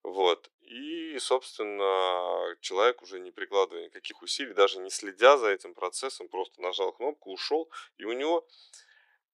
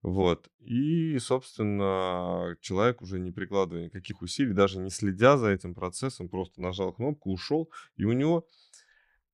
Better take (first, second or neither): second